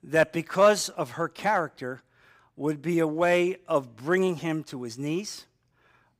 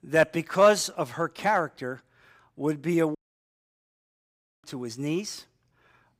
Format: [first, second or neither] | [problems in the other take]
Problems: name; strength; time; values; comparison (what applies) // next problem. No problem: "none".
first | audio cutting out; at 3 s for 1.5 s